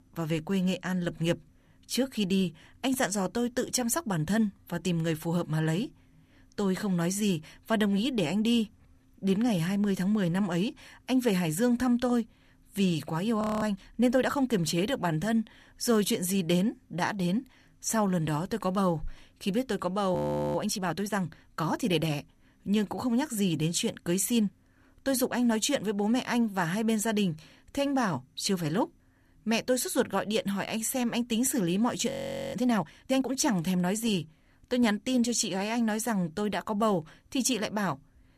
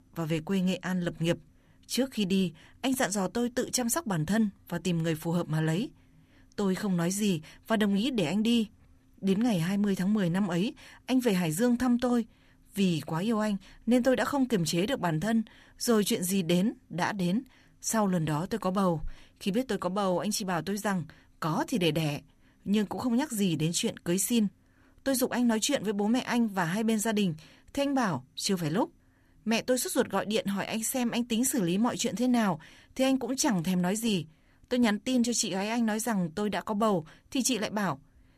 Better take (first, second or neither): second